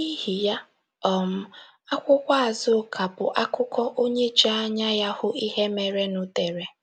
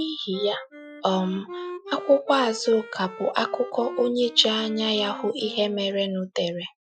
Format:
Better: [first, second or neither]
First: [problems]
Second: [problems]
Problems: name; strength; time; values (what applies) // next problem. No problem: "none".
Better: first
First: none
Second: noise reduction (classical method Wiener filter)